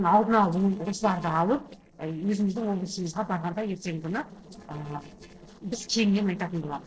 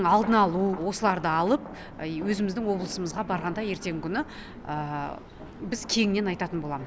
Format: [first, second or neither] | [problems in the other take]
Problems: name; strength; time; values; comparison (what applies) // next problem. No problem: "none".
second | noise reduction (neural separator model SepFormer DNS4)